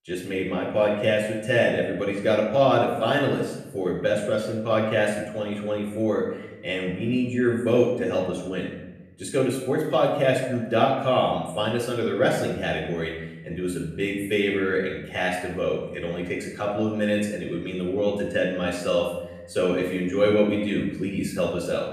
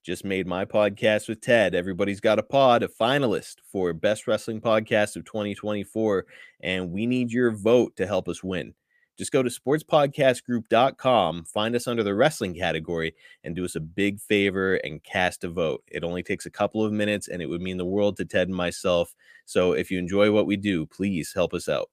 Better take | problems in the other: second | off-mic speech; far // room echo; noticeable; dies away in 0.8 s

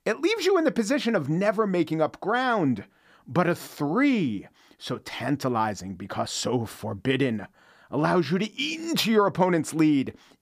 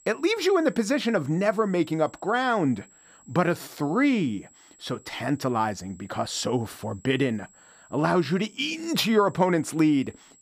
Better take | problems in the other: first | high-pitched whine; faint; throughout; 7.5 kHz, 30 dB below the speech

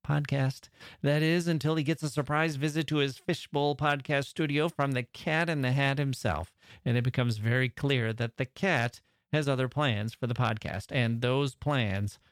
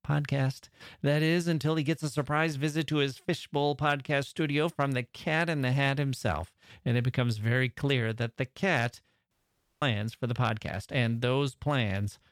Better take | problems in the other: first | audio cutting out; at 9.5 s for 0.5 s

